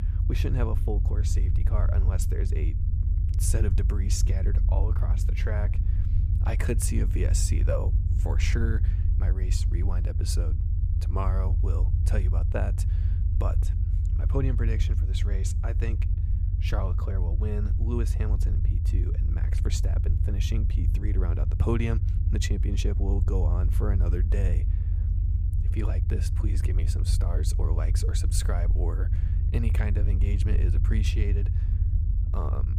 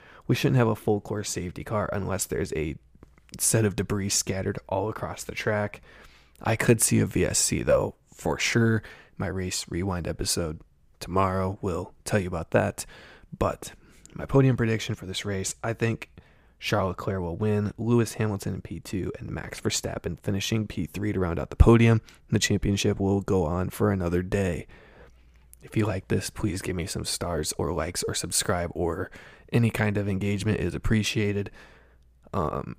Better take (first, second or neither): second